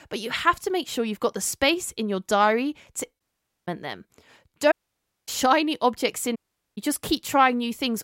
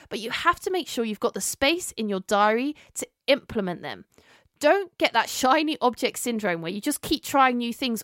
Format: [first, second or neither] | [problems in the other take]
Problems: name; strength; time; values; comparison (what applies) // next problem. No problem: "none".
second | audio cutting out; at 3 s, at 4.5 s for 0.5 s and at 6.5 s